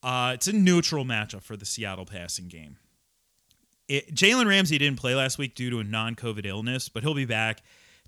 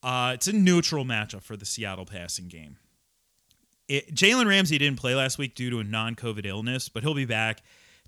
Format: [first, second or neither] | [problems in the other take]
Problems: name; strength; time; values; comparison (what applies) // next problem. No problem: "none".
neither | none